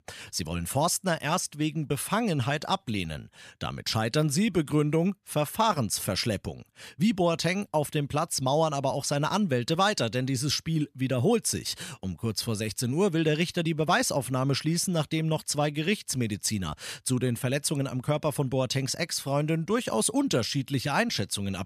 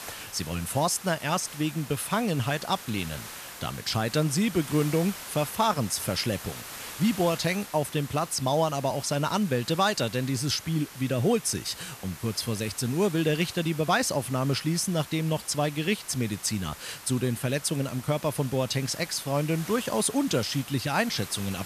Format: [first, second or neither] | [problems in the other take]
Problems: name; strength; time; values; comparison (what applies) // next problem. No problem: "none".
first | hiss; noticeable; throughout; 15 dB below the speech